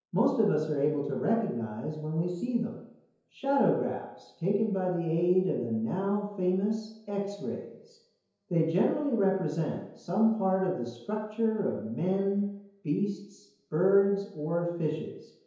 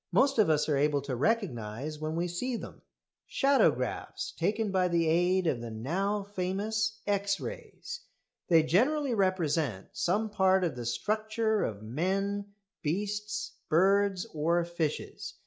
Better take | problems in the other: second | room echo; dies away in 0.9 s

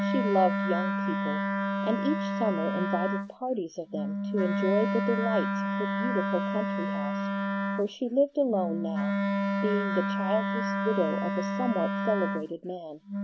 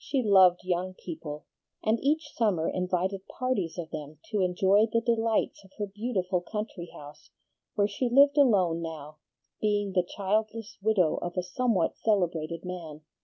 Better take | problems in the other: second | background sound (Wind instrument, woodwind instrument); 1 dB above the speech

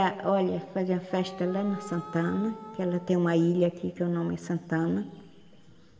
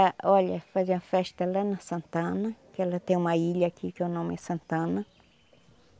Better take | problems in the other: second | background sound (Wind instrument, woodwind instrument); 17 dB below the speech // room echo; dies away in 1.5 s

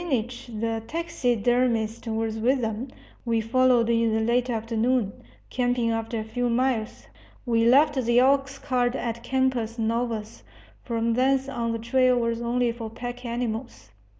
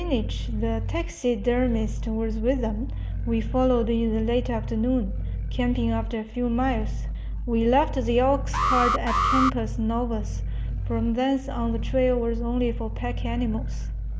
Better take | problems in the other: first | background sound (Growling + Alarm); 2 dB below the speech

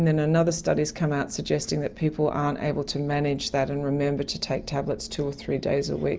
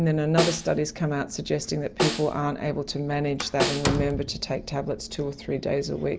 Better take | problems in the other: first | background sound (Slam + Snare drum); 5 dB below the speech

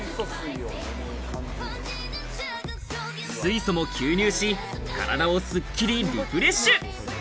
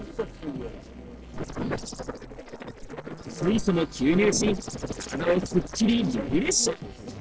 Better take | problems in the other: first | noise reduction (neural separator model SepFormer DNS4)

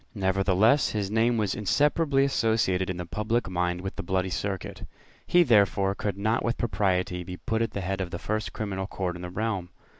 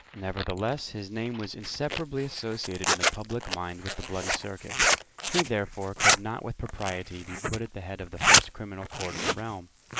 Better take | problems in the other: first | noise reduction (neural mask model Resemble Enhance denoiser)

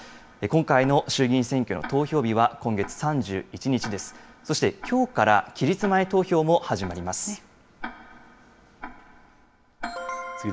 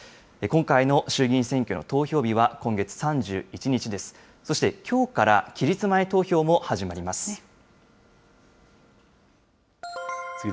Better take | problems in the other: second | background sound (Tick-tock); 18 dB below the speech

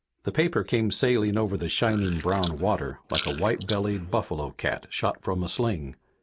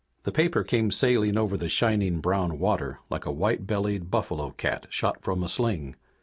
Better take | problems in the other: second | noise reduction (neural mask model Resemble Enhance denoiser)

